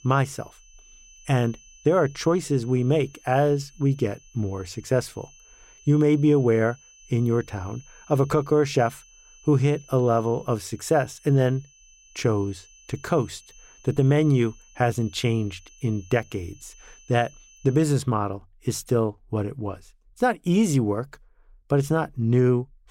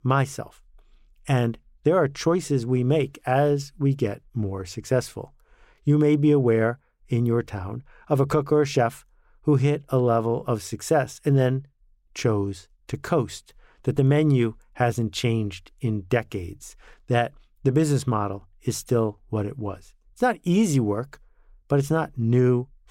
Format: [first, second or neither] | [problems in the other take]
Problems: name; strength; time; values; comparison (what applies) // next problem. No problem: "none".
second | high-pitched whine; faint; until 18 s; 6 kHz, 25 dB below the speech